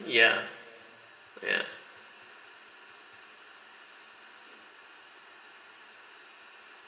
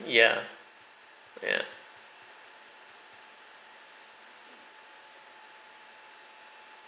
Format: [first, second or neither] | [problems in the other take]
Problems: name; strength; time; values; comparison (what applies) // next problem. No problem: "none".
second | room echo; dies away in 2.9 s